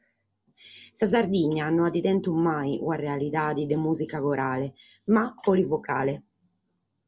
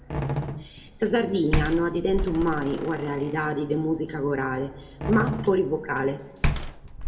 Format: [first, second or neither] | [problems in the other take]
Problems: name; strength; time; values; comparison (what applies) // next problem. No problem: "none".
first | background sound (Slam); 5 dB below the speech // room echo; dies away in 1.3 s